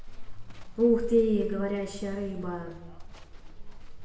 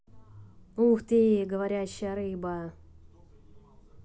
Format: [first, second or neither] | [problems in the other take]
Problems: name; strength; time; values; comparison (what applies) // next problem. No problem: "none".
second | background sound (Livestock, farm animals, working animals); 10 dB below the speech // room echo; dies away in 0.9 s